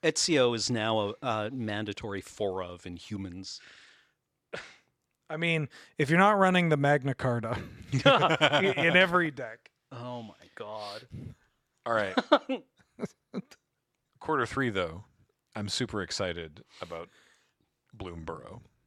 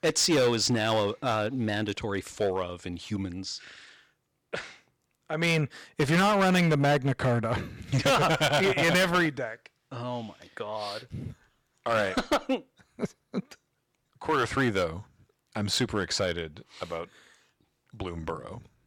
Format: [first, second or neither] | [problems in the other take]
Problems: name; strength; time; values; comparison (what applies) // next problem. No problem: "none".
first | distortion; heavy; 6% of the sound clipped